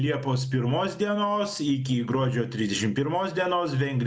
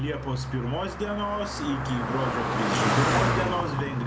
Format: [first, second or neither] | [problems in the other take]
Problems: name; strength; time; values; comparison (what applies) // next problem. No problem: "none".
first | background sound (Car passing by); 1 dB above the speech